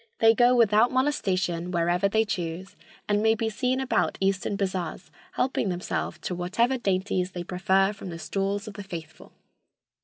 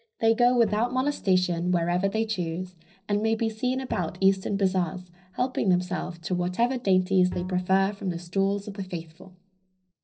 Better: first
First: none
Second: noise reduction (neural separator model SepFormer DNS4)

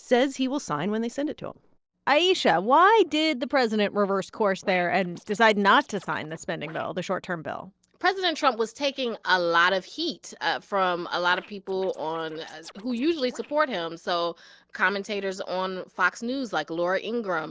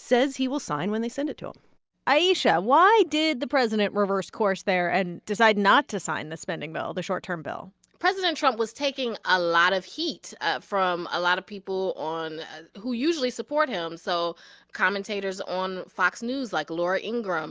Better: second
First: noise reduction (neural separator model SepFormer DNS4)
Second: none

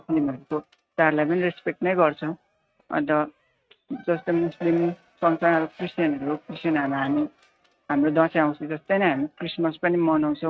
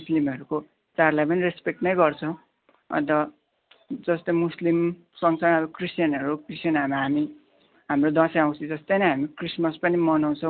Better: second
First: noise reduction (neural mask model RNNoise)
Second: none

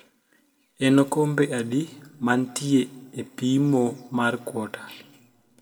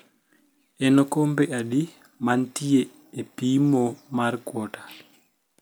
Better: second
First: room echo; dies away in 0.5 s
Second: none

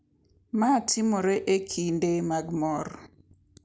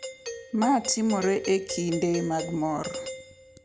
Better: first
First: none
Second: background sound (Doorbell); 11 dB below the speech

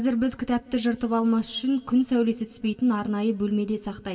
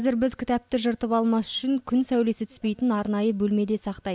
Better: second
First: room echo; dies away in 1.3 s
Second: none

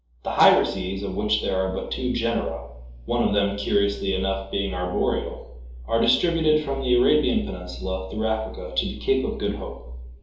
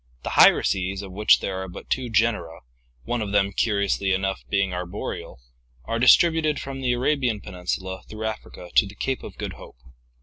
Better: second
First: room echo; dies away in 2.8 s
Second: none

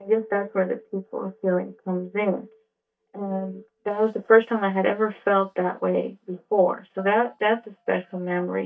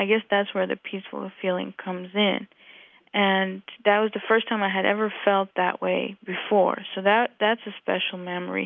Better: second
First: noise reduction (neural mask model DeepFilterNet 3)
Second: none

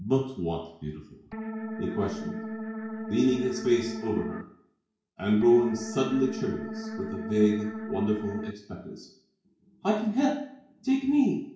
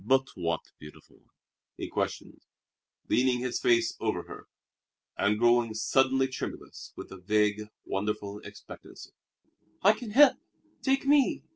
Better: second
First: background sound (Organ); 7 dB below the speech // room echo; dies away in 0.6 s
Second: none

